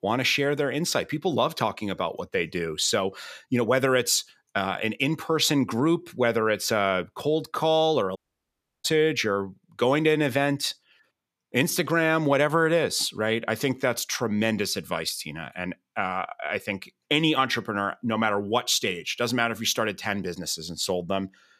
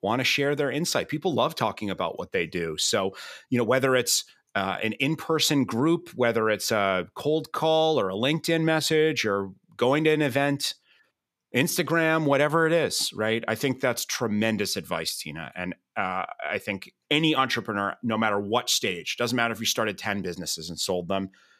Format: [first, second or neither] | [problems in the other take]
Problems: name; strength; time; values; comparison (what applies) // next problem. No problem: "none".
second | audio cutting out; at 8 s for 0.5 s